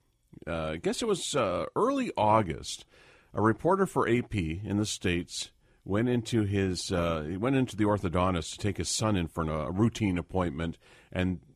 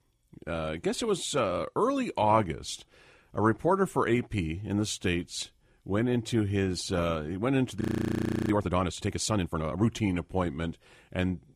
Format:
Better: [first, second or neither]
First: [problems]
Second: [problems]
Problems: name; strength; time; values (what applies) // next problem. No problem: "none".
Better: first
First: none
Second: audio freezing; at 8 s for 0.5 s